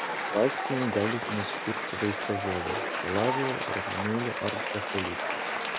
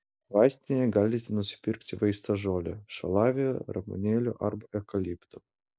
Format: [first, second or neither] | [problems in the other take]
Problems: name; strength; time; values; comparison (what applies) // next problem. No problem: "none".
second | background sound (Applause / Cheering); as loud as the speech